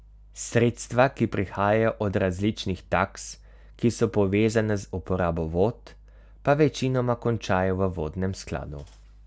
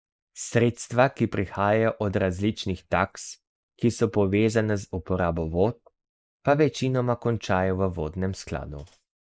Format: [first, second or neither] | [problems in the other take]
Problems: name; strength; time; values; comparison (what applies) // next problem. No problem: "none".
first | noise reduction (neural mask model Resemble Enhance denoiser)